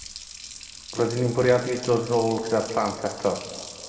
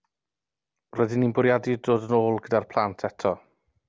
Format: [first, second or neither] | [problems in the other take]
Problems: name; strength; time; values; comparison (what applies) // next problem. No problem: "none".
second | background sound (Water tap, faucet); 14 dB below the speech // room echo; dies away in 1.7 s